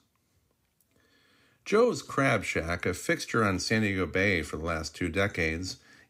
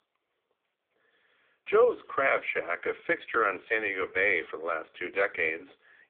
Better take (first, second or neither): first